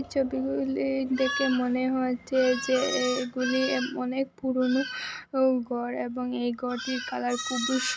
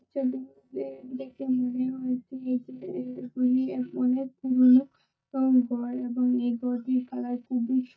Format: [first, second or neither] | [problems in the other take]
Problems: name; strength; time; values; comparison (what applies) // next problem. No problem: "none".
first | noise reduction (neural mask model DeepFilterNet 3)